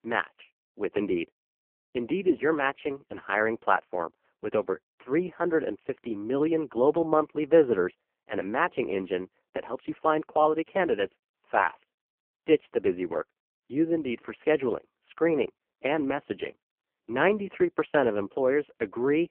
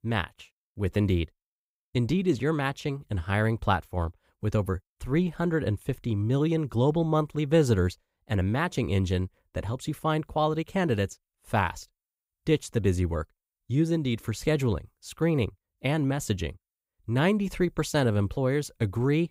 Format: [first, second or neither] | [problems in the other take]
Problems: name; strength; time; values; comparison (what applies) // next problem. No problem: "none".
second | phone-call audio; poor line